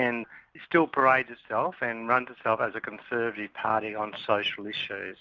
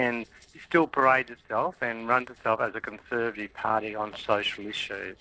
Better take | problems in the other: first | noise reduction (neural separator model SepFormer DNS4)

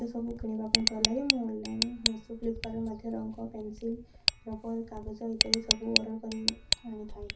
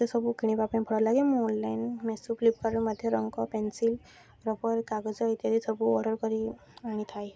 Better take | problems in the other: second | background sound (Tick); 3 dB above the speech // room echo; dies away in 0.4 s

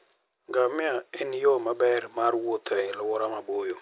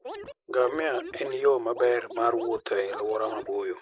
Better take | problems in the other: first | noise reduction (neural mask model Resemble Enhance denoiser)

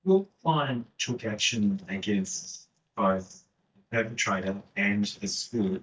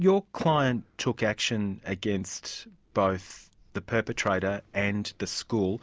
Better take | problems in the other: second | noise reduction (neural mask model DeepFilterNet 3)

